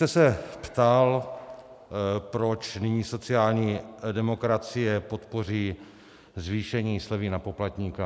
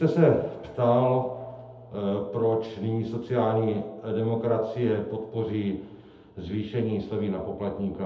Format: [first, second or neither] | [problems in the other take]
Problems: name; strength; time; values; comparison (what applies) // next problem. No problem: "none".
first | room echo; dies away in 0.7 s